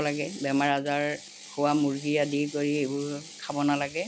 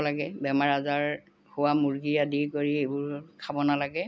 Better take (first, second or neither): second